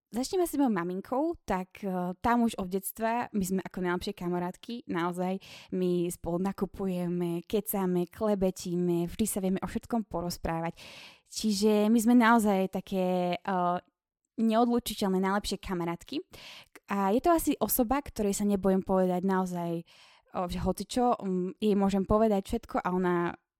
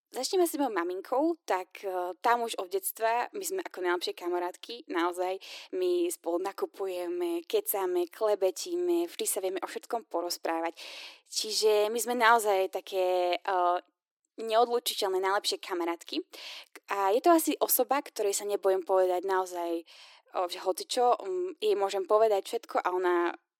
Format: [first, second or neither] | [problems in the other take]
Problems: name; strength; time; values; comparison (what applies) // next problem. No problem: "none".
first | thin; very; fading below 300 Hz